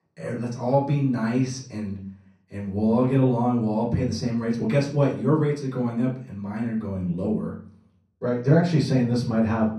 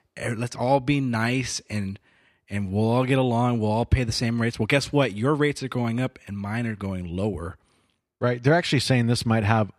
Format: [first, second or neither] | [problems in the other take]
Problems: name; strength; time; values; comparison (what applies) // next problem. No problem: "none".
second | room echo; noticeable; dies away in 0.6 s // off-mic speech; far